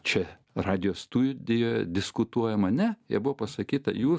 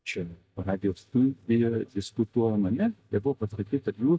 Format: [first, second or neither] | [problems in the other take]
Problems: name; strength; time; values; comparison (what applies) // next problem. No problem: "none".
first | noise reduction (neural mask model DeepFilterNet 3)